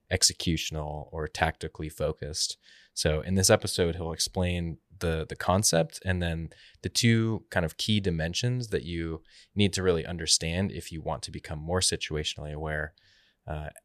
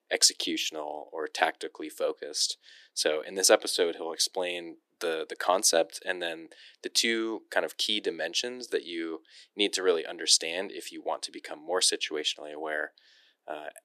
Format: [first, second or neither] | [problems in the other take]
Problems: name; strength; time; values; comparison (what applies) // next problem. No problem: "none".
first | thin; very; fading below 300 Hz